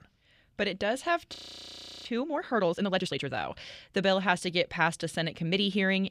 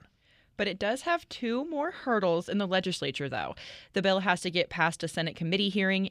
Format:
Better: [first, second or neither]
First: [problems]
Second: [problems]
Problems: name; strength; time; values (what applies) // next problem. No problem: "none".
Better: second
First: audio freezing; at 1.5 s for 0.5 s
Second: none